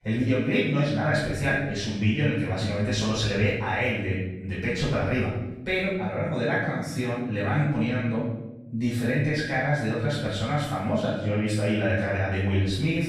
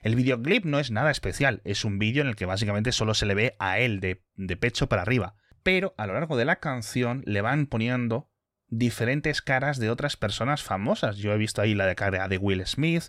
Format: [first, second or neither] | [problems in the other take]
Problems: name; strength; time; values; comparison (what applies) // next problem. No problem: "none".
second | off-mic speech; far // room echo; strong; dies away in 0.9 s